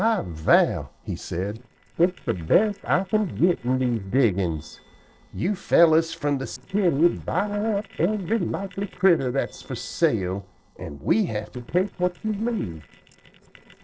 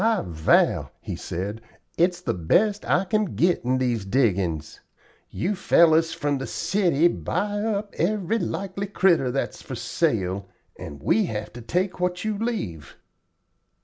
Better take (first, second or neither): second